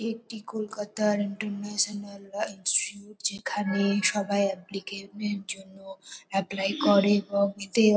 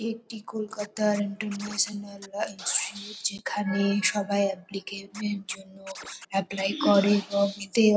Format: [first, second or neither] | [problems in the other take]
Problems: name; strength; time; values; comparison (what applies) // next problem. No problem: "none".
first | background sound (Scratching (performance technique)); 18 dB below the speech